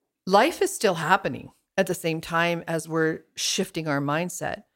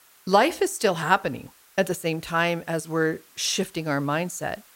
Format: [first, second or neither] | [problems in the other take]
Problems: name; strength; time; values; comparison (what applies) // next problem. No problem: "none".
first | hiss; faint; throughout; 30 dB below the speech